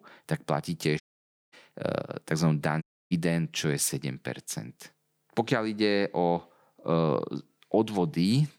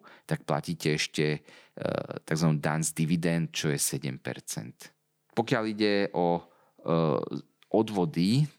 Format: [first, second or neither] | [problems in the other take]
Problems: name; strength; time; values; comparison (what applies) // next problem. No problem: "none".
second | audio cutting out; at 1 s for 0.5 s and at 3 s